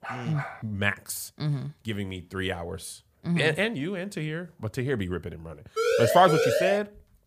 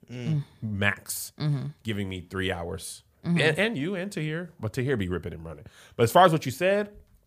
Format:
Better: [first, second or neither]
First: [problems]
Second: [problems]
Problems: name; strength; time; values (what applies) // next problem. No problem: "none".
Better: second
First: dog barking; noticeable; at the start; peak 9 dB below the speech // siren; loud; from 6 s on; peak 4 dB above the speech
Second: none